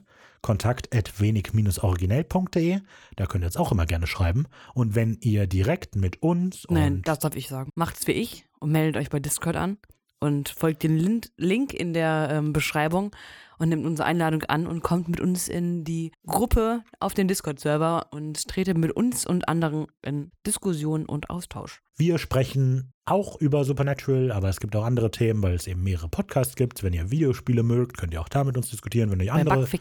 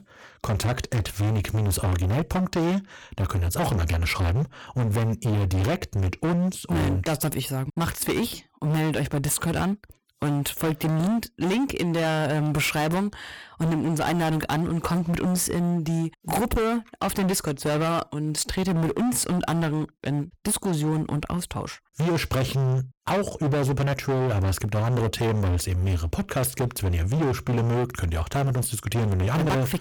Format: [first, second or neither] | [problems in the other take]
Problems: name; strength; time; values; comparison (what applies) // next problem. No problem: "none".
first | distortion; heavy; 28% of the sound clipped